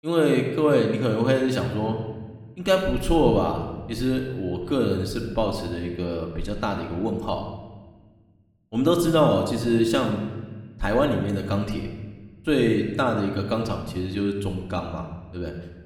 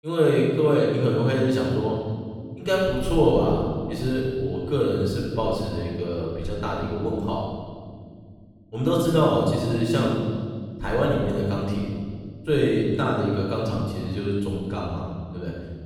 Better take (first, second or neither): first